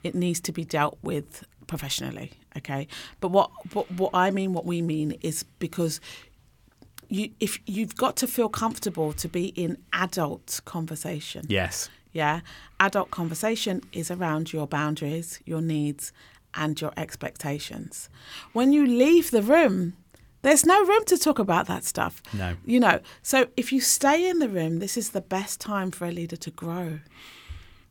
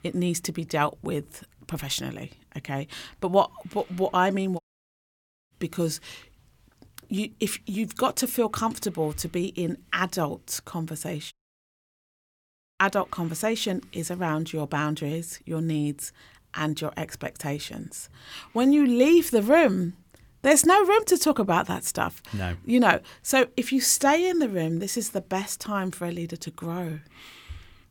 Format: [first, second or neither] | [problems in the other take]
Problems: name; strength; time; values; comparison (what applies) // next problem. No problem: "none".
first | audio cutting out; at 4.5 s for 1 s and at 11 s for 1.5 s